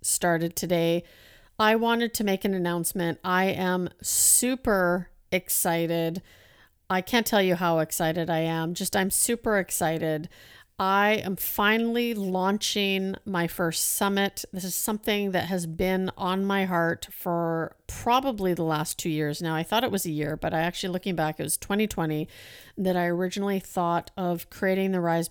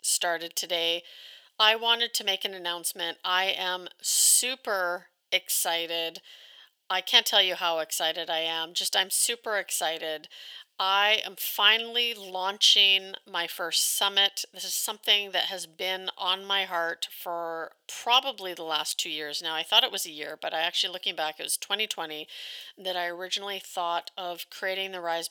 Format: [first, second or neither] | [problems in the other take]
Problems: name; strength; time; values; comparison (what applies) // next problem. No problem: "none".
first | thin; very; fading below 650 Hz